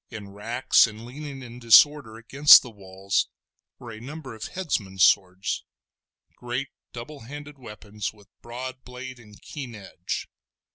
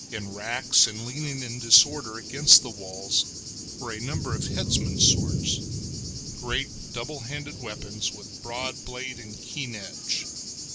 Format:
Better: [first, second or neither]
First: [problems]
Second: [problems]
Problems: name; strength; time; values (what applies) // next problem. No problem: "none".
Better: first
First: none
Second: background sound (Thunder / Cricket); 6 dB below the speech